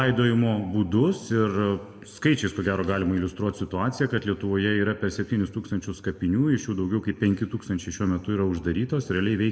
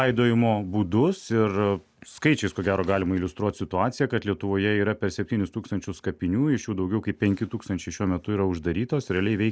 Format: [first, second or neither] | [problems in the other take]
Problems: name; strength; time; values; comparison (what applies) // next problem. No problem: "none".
second | room echo; dies away in 1.1 s